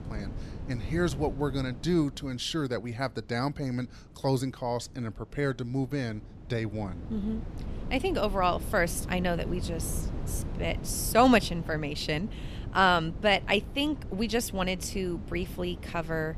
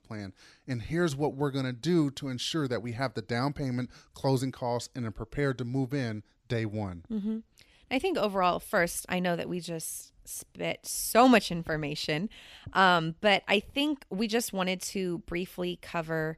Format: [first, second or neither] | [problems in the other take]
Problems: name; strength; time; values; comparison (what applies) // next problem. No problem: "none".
second | wind noise on the microphone; occasional gusts; 20 dB below the speech